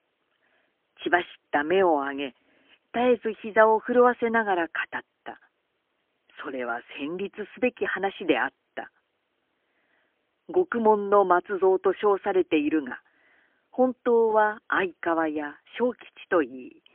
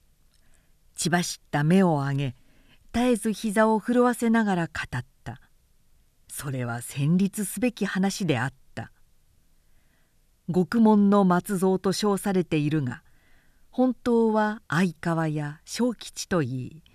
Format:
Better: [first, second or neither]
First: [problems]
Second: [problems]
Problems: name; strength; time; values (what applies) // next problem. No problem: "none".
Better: second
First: phone-call audio; poor line; nothing above 3.5 kHz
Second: none